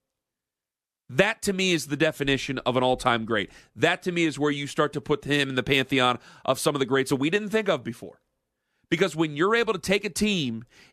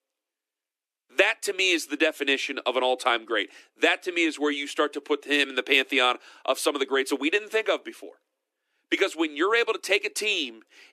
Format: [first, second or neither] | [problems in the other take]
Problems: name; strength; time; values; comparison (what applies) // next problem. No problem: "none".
first | thin; very slightly; fading below 300 Hz